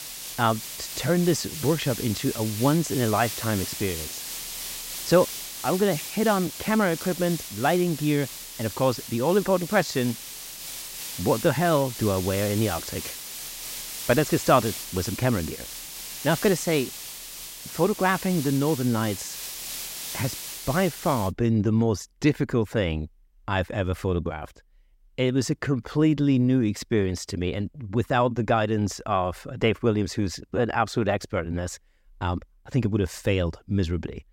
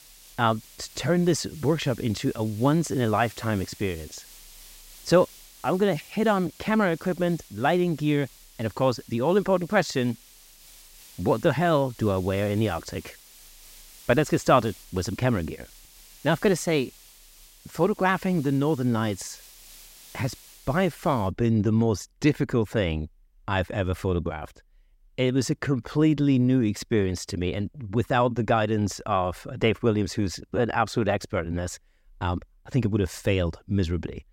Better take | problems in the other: second | hiss; loud; until 21 s; 8 dB below the speech; faint in the second

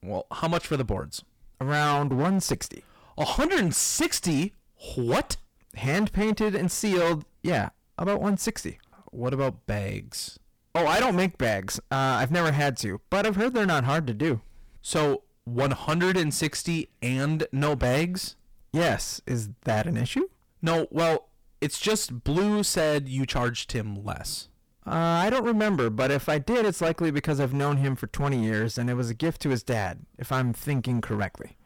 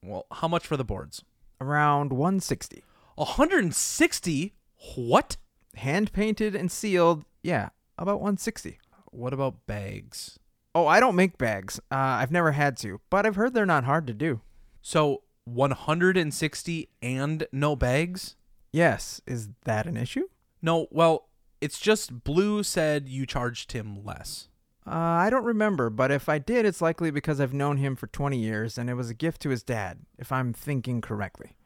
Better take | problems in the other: second | distortion; heavy; 14% of the sound clipped

